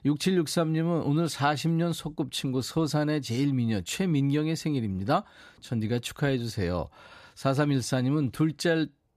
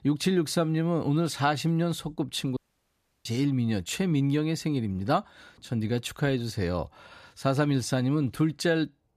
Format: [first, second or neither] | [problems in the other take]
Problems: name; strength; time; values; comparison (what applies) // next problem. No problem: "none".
first | audio cutting out; at 2.5 s for 0.5 s